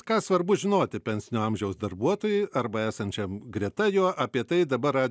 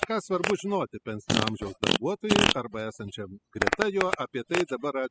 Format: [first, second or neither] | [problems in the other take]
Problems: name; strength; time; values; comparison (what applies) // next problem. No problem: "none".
first | noise reduction (classical method spectral subtraction)